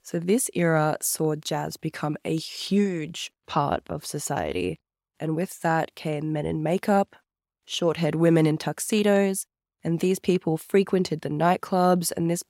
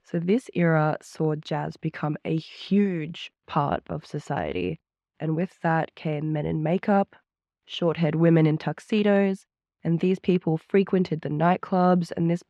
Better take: first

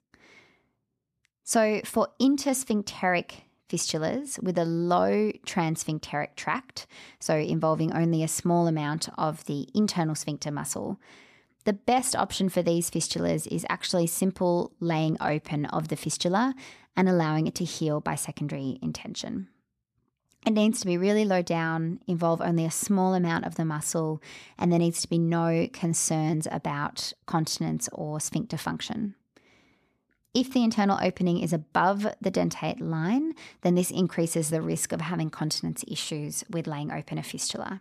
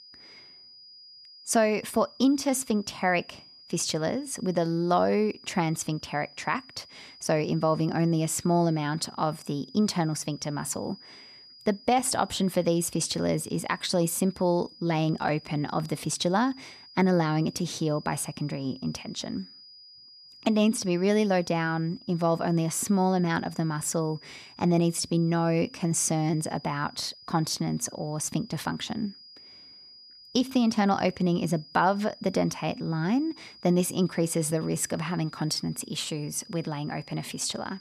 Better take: first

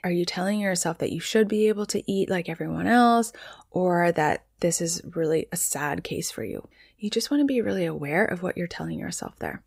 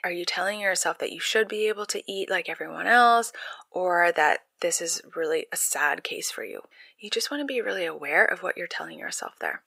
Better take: first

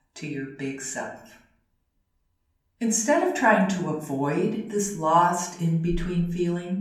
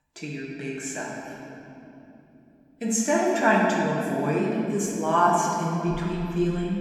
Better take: first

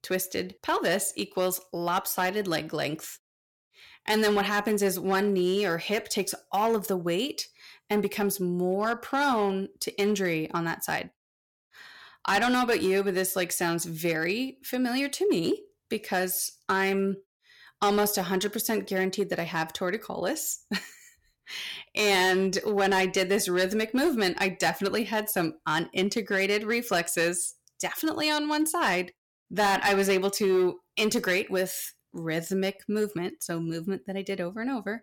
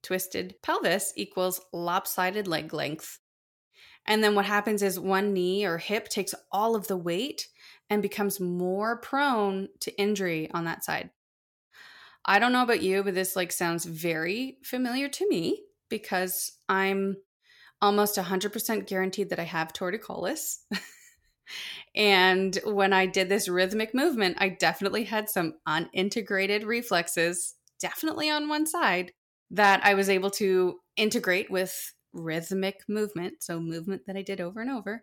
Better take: second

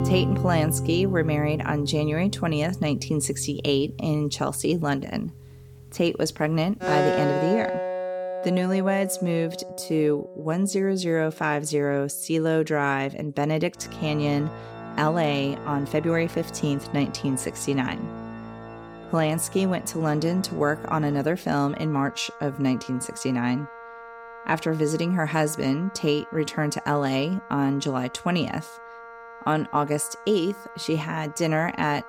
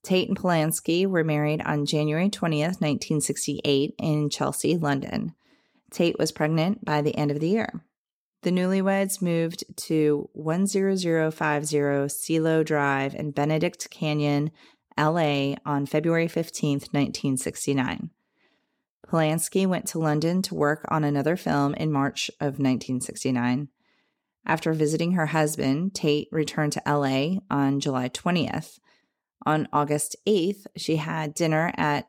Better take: second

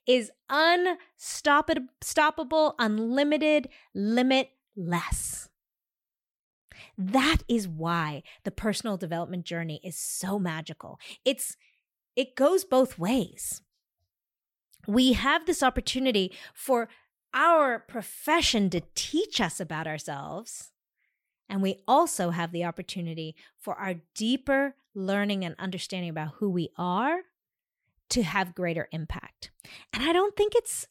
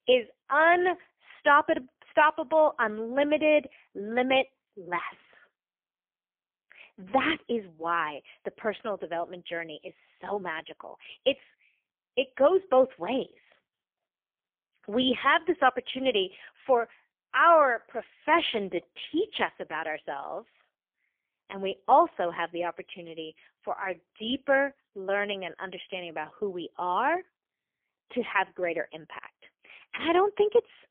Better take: first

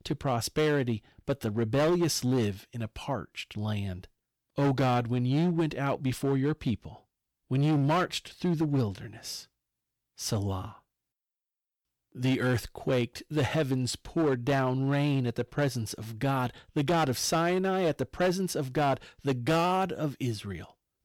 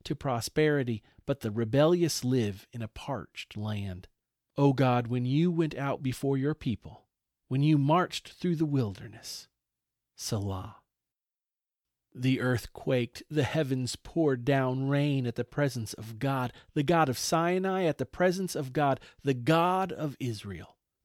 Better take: second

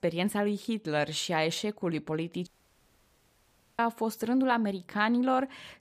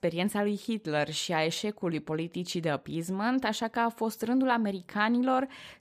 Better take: second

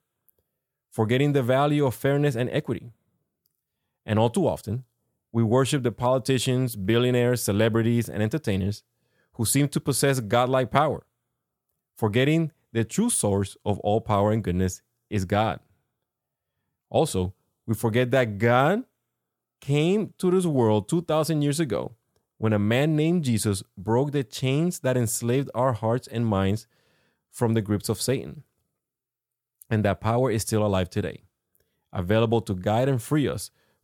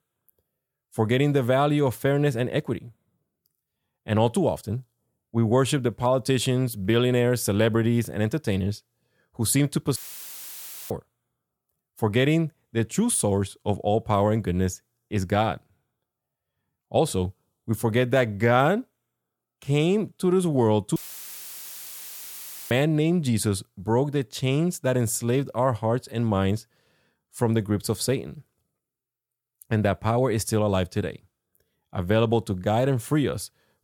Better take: first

